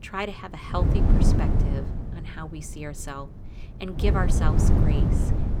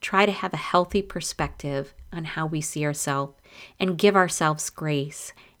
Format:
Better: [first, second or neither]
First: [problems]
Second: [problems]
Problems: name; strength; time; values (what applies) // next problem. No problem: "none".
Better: second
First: wind noise on the microphone; heavy; as loud as the speech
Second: none